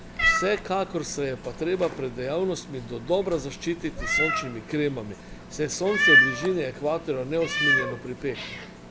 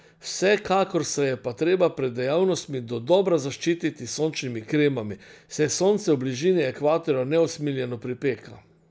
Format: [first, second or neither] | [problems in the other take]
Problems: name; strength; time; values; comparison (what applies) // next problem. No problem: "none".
second | background sound (Meow); 1 dB above the speech